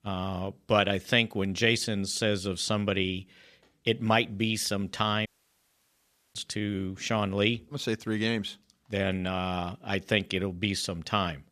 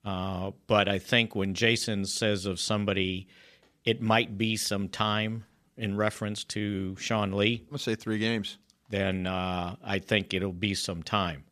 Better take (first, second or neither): second